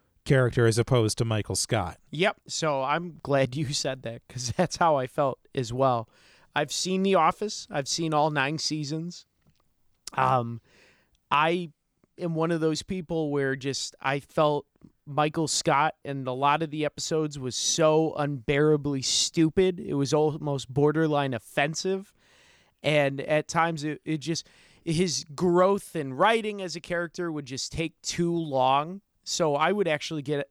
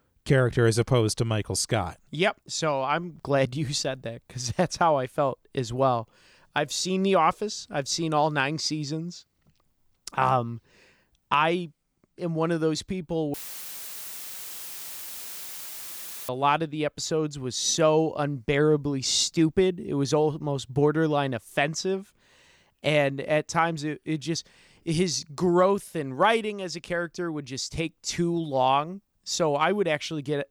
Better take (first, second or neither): first